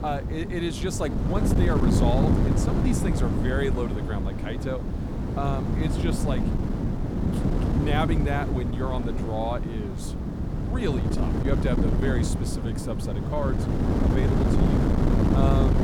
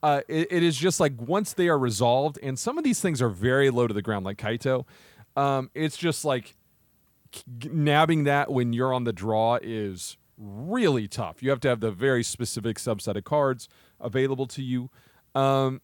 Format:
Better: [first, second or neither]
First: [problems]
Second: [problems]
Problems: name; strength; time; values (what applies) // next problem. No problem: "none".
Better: second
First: wind noise on the microphone; heavy; 1 dB below the speech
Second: none